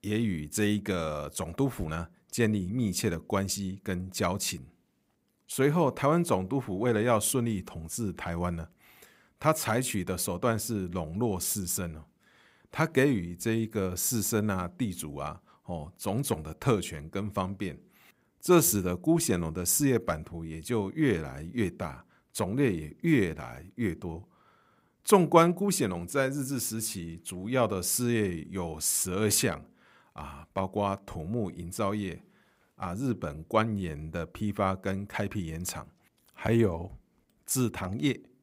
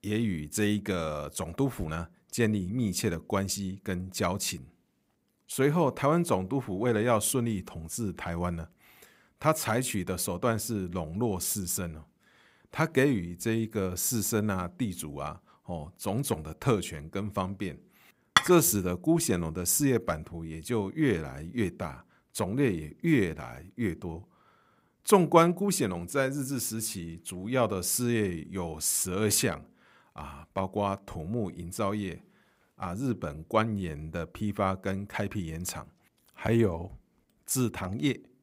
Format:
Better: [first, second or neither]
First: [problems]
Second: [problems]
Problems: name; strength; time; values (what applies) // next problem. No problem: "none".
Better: first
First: none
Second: clattering dishes; loud; at 18 s; peak 4 dB above the speech